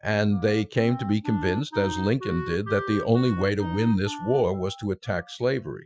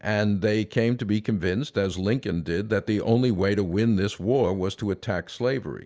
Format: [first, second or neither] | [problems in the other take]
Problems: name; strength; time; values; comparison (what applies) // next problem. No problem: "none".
second | noise reduction (classical method Wiener filter)